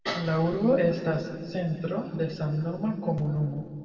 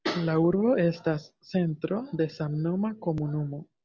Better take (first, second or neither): second